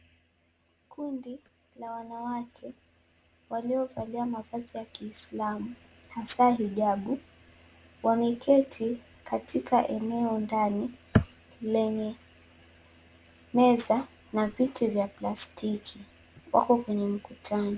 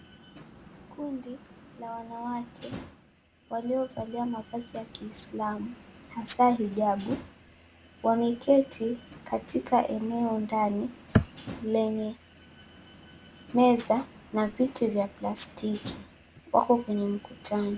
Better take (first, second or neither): first